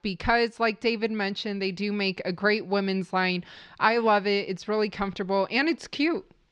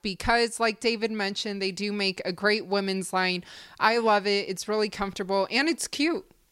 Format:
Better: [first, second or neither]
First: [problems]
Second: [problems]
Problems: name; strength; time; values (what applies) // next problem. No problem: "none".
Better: second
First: muffled; very slightly; fading above 4 kHz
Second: none